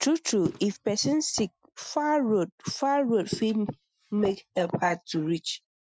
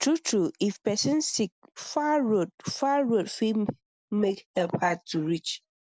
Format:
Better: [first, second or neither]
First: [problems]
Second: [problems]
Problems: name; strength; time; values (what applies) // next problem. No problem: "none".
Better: second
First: noise reduction (classical method Wiener filter)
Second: none